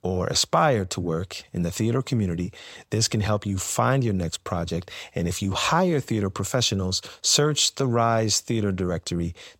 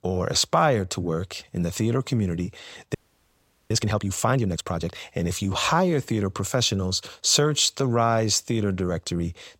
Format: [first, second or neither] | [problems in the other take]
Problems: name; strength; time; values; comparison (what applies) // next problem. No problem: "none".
first | audio freezing; at 3 s for 1 s